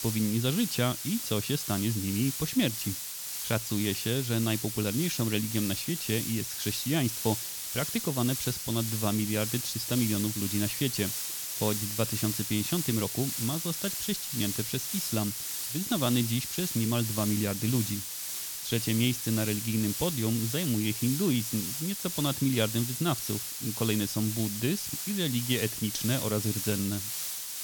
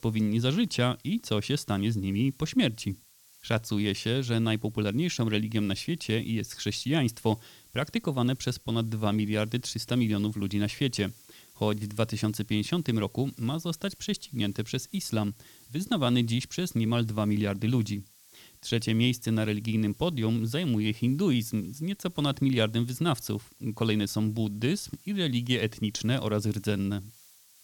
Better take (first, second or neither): second